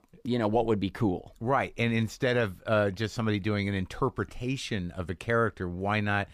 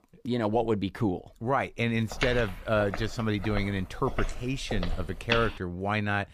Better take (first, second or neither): first